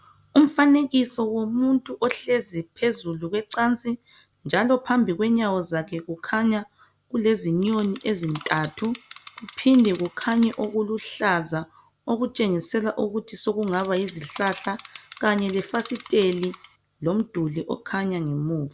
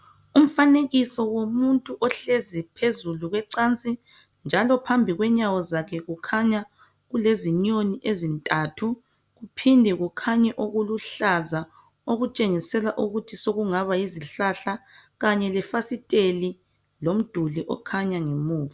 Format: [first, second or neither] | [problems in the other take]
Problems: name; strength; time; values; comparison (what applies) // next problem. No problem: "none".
second | background sound (Insect); 20 dB below the speech